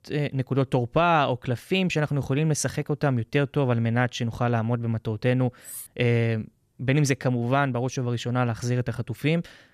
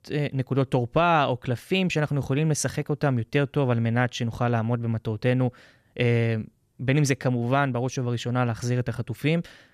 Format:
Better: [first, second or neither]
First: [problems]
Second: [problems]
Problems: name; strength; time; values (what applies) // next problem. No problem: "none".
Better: second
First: clattering dishes; faint; at 5.5 s; peak 10 dB below the speech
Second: none